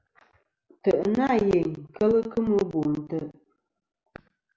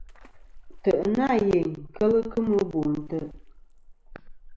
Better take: first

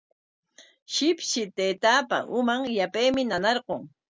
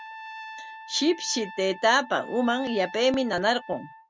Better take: first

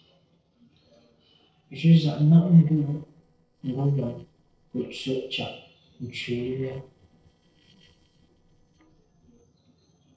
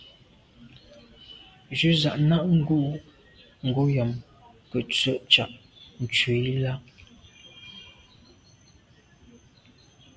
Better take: second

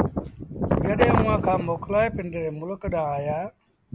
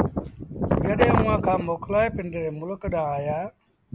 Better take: second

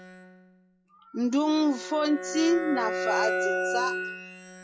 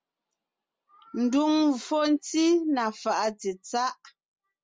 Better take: second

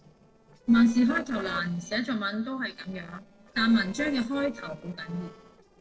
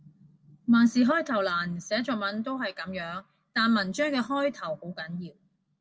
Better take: second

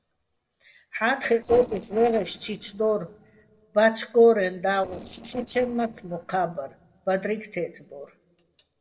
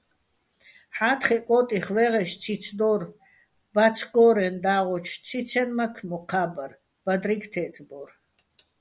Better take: second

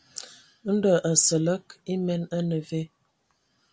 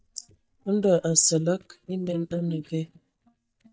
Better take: first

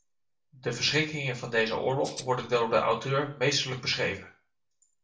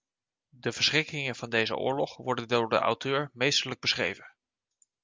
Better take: second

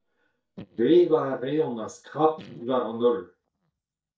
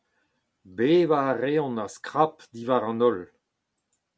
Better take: second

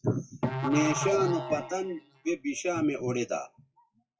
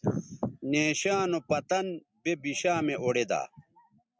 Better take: second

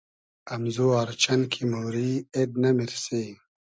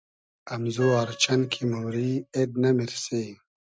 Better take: first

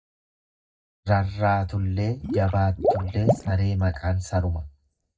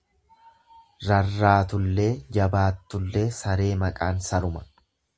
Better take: second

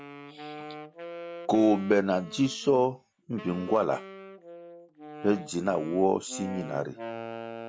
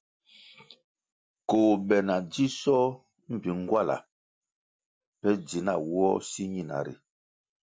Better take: second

